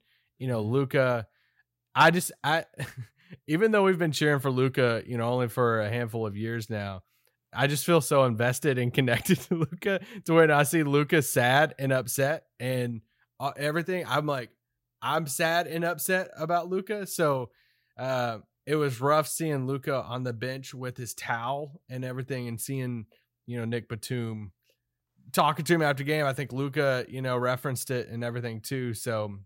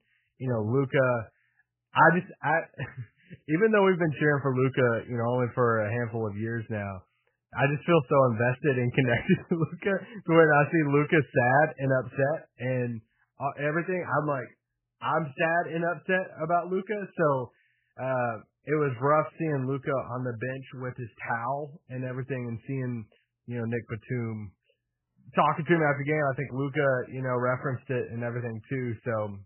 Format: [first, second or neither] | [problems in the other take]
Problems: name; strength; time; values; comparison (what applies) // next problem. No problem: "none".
first | garbled, watery; badly; nothing above 3 kHz